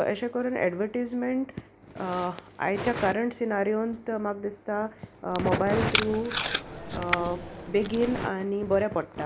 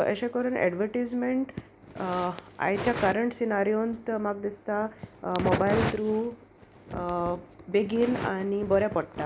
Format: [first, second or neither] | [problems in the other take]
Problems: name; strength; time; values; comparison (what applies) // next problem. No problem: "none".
second | background sound (Packing tape, duct tape); 5 dB below the speech